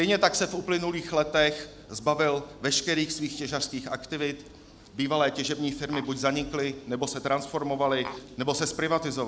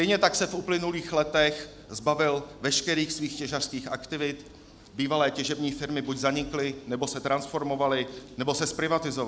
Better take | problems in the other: second | background sound (Tap); 13 dB below the speech

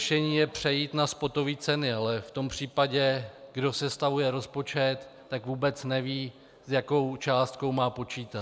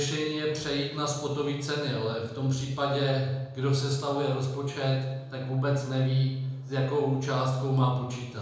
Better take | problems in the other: first | room echo; dies away in 0.9 s

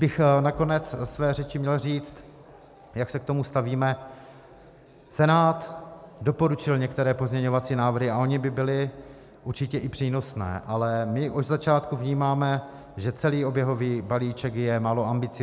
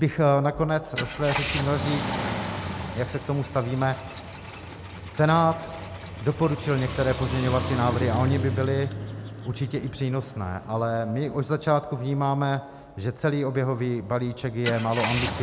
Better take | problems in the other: first | background sound (Car); 7 dB below the speech

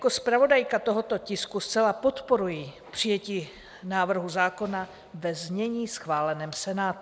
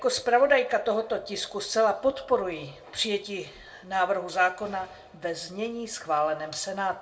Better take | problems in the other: first | room echo; dies away in 0.2 s

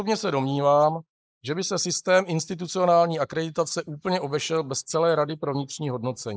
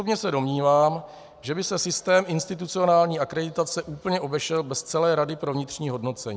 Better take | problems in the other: second | noise reduction (neural mask model Resemble Enhance denoiser)

